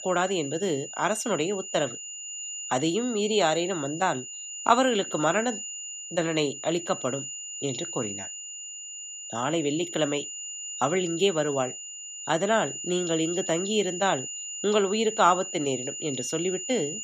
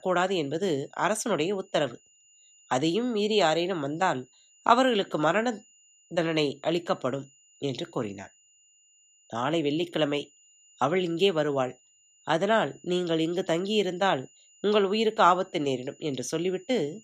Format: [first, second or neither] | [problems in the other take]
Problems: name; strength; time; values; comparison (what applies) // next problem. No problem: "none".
second | high-pitched whine; loud; throughout; 7 kHz, 7 dB below the speech; faint in the second